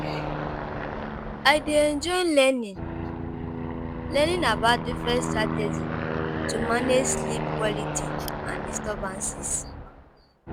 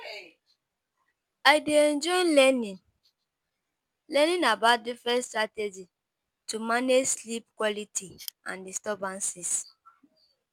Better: second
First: background sound (Aircraft); 3 dB below the speech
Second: none

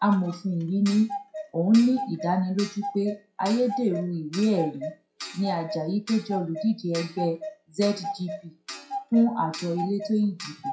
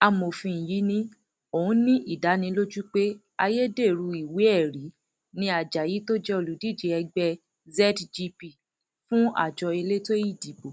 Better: second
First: noise reduction (classical method WPE with log-MMSE)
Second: none

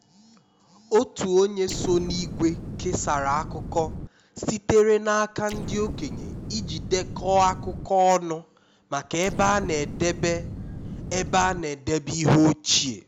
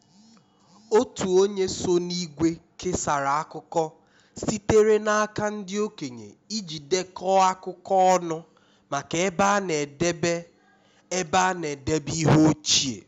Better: second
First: background sound (Explosion); 9 dB below the speech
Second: none

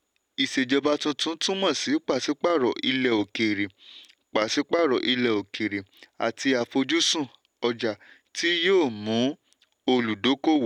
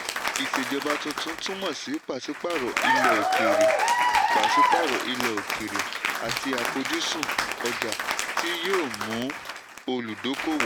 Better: first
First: none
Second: background sound (Applause / Cheering); 5 dB above the speech

